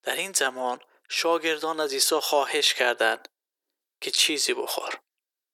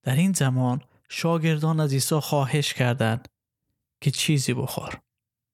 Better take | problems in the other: second | thin; very; fading below 350 Hz

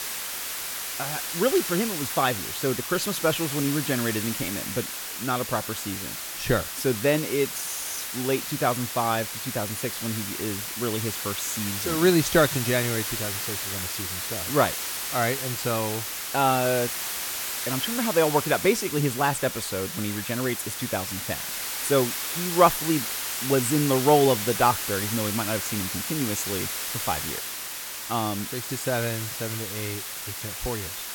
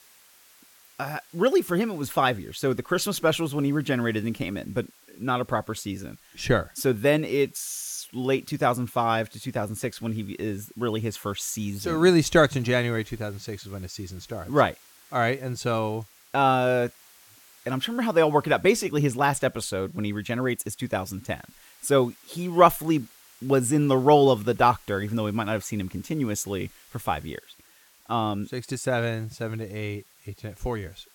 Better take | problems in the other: second | hiss; loud; throughout; 3 dB below the speech; faint in the second

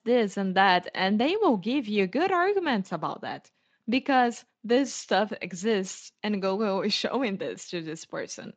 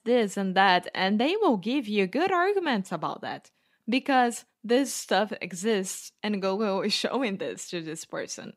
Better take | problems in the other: second | garbled, watery; slightly; nothing above 7.5 kHz

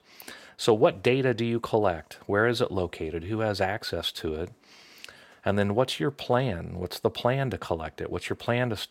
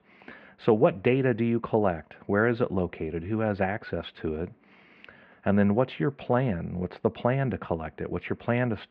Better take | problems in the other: first | muffled; very; fading above 2.5 kHz

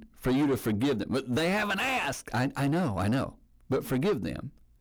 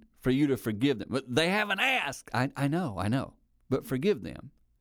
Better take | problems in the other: second | distortion; heavy; 6 dB below the speech

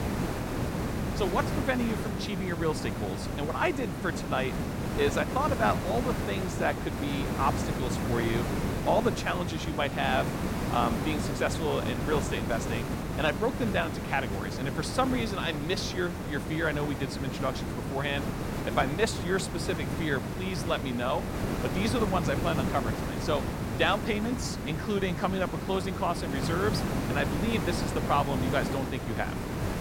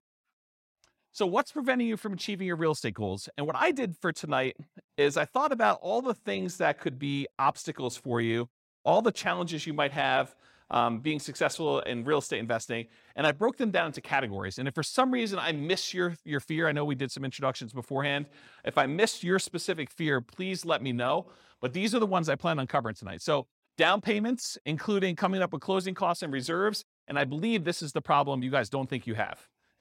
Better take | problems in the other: second | hiss; loud; throughout; 2 dB below the speech

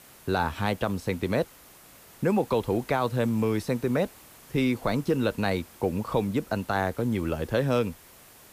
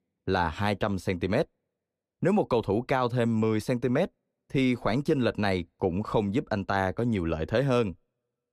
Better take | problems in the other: second | hiss; faint; throughout; 20 dB below the speech

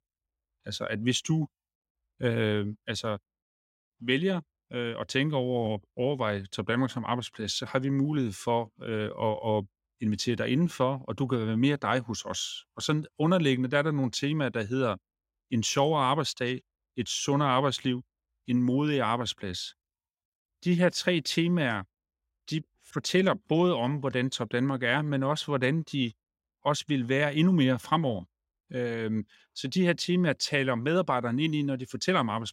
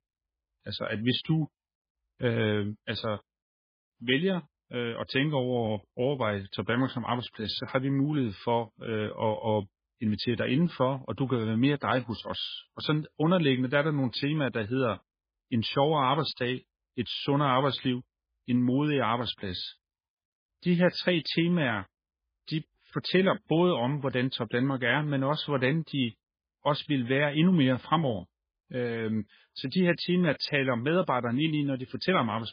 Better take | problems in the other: first | garbled, watery; badly

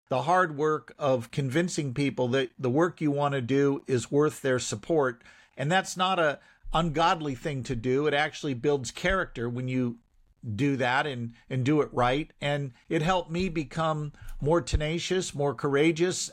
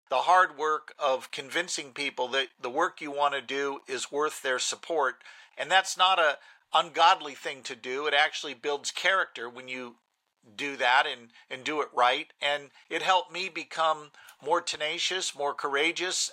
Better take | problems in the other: first | thin; very; fading below 750 Hz

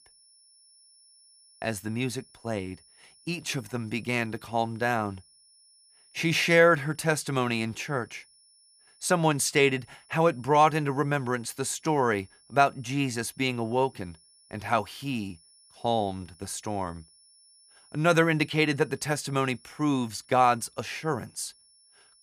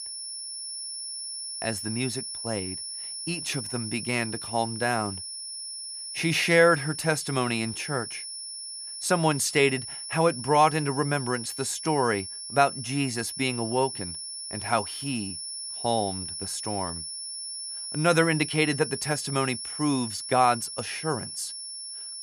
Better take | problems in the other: first | high-pitched whine; loud; throughout; 5.5 kHz, 7 dB below the speech; faint in the first

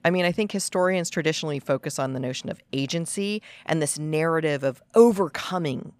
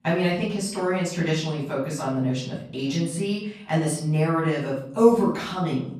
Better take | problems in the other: first | off-mic speech; far // room echo; noticeable; dies away in 0.7 s

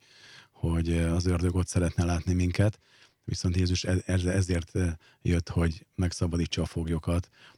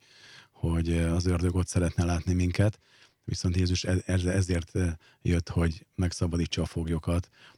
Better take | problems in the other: neither | none

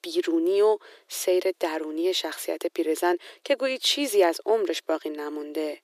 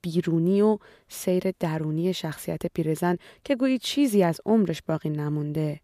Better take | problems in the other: second | thin; very; fading below 350 Hz

